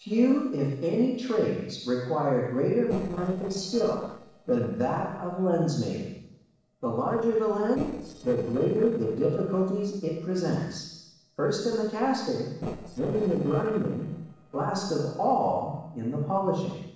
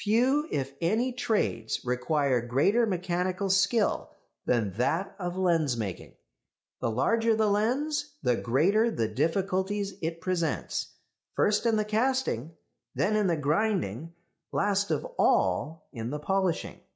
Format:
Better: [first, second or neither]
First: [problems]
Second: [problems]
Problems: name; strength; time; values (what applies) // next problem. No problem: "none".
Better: second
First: noise reduction (neural separator model SepFormer DNS4)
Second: none